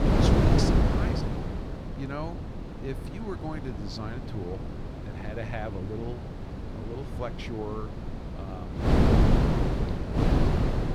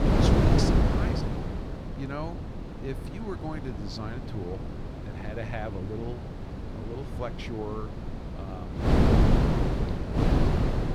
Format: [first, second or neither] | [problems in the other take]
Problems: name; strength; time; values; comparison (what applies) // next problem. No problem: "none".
neither | wind noise on the microphone; heavy; 5 dB above the speech; the same in both